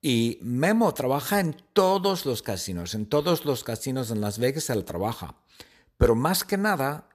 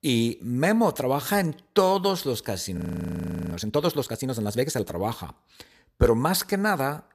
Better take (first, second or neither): first